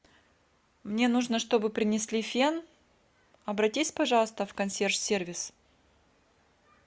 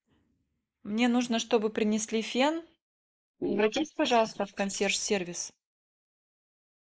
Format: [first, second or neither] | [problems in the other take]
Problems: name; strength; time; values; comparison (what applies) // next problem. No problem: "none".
first | noise reduction (neural mask model Resemble Enhance denoiser)